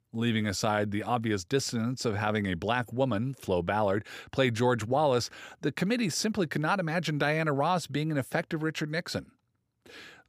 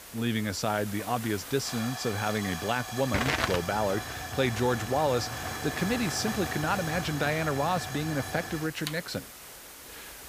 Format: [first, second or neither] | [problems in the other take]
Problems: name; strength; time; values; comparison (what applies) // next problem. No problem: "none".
first | hiss; loud; throughout; 5 dB below the speech